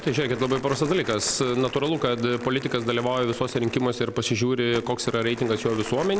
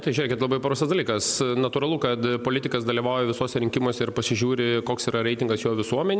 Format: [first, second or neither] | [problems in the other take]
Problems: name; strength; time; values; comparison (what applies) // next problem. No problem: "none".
second | background sound (Crumpling, crinkling); 16 dB below the speech